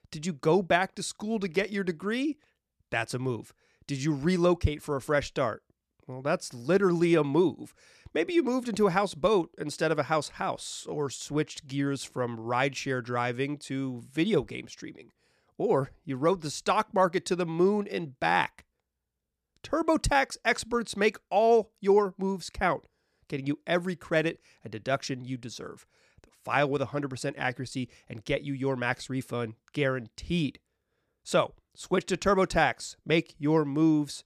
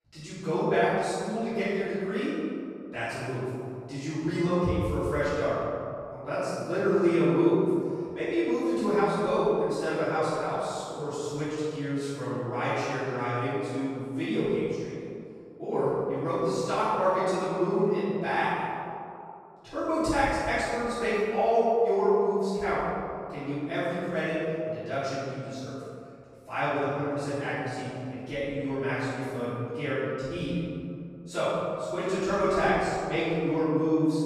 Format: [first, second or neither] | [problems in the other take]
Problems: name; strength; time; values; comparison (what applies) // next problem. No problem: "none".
first | room echo; strong; dies away in 2.3 s // off-mic speech; far